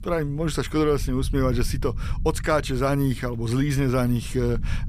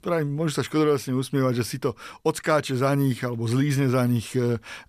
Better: second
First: low rumble; faint; throughout; 20 dB below the speech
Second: none

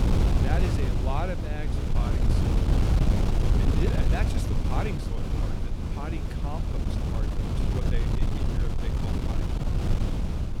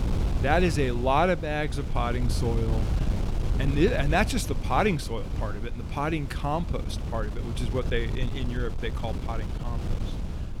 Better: second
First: wind noise on the microphone; heavy; 2 dB above the speech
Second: wind noise on the microphone; occasional gusts; 10 dB below the speech

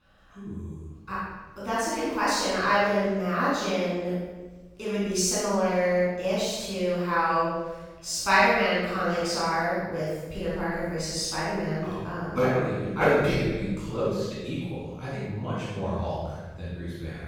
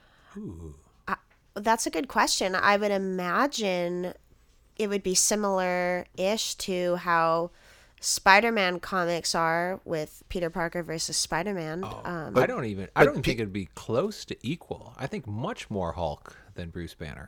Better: second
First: off-mic speech; far // room echo; strong; dies away in 1.5 s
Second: none

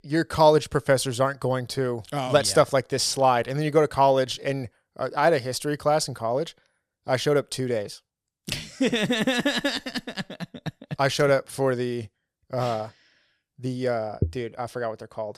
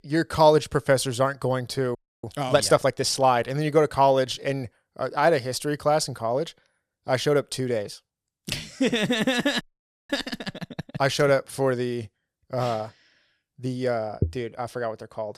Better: first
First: none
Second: audio freezing; at 2 s and at 9.5 s

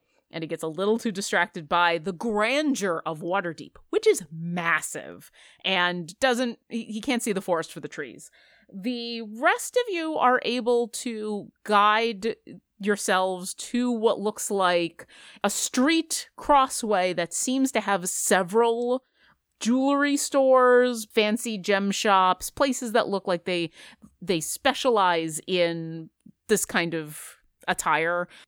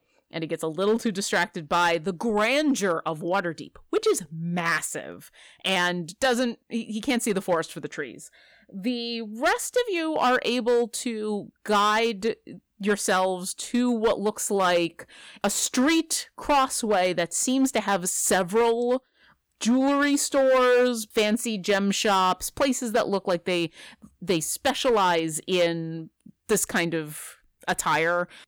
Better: first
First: none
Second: distortion; slight; 5% of the sound clipped

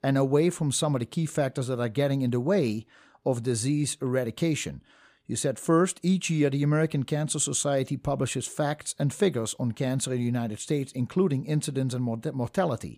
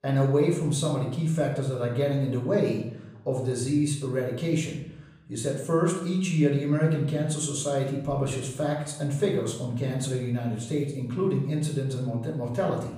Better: first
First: none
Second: off-mic speech; far // room echo; noticeable; dies away in 0.7 s

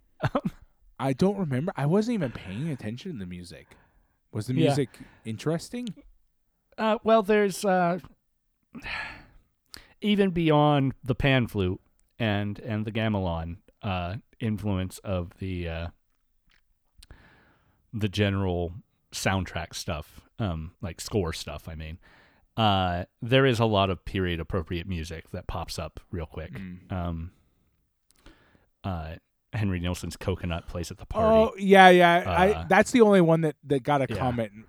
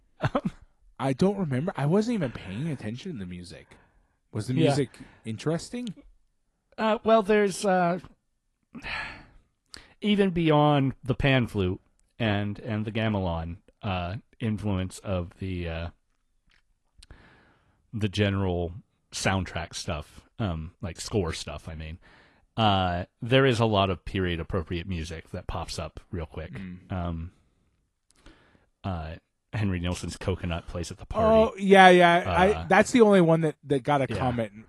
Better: first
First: none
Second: garbled, watery; slightly; nothing above 11 kHz

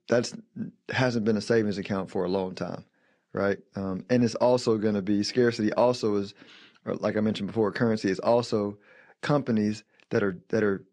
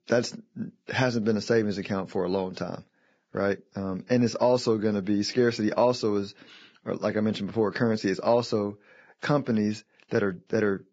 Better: first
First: garbled, watery; slightly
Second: garbled, watery; badly; nothing above 7.5 kHz

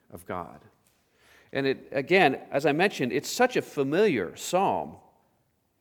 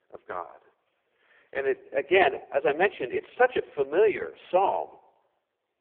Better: first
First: none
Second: phone-call audio; poor line

